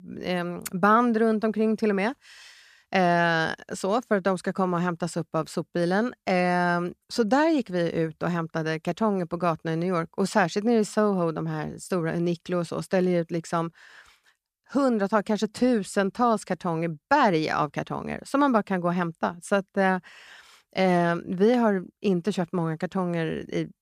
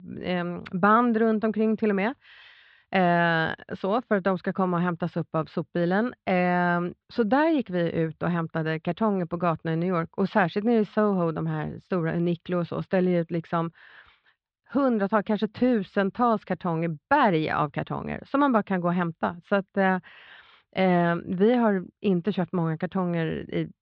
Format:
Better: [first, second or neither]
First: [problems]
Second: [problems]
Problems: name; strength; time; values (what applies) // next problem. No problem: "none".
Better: first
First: none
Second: muffled; slightly; fading above 3.5 kHz